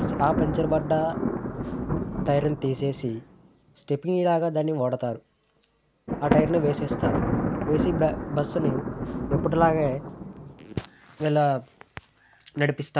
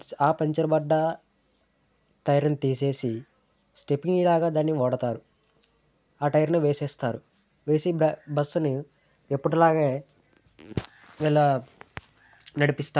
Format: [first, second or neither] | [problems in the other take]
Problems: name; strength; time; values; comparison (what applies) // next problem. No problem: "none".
second | background sound (Thunder); 4 dB below the speech